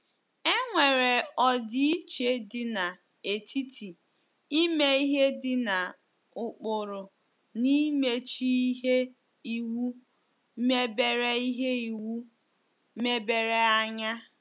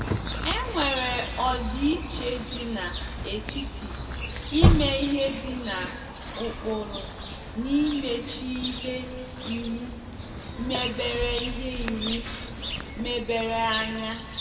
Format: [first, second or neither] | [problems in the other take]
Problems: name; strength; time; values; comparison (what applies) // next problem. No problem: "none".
first | background sound (Chirp, tweet); 1 dB below the speech // room echo; dies away in 1.9 s